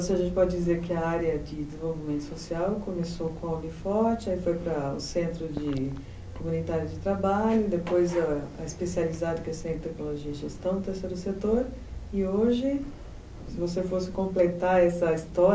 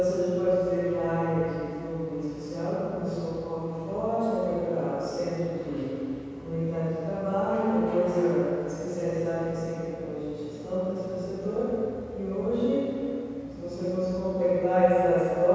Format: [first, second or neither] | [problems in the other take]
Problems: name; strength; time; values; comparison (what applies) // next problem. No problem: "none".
first | room echo; dies away in 2.2 s